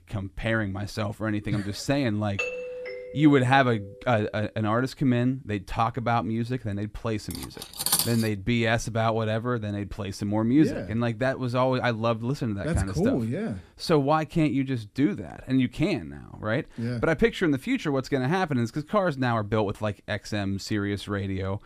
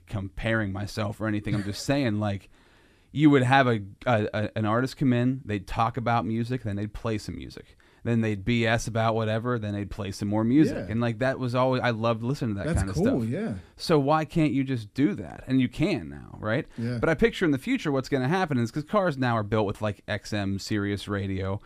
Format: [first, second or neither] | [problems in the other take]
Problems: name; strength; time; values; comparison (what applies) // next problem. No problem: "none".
second | doorbell; noticeable; from 2.5 to 3.5 s; peak 4 dB below the speech // clattering dishes; loud; at 7.5 s; peak 3 dB above the speech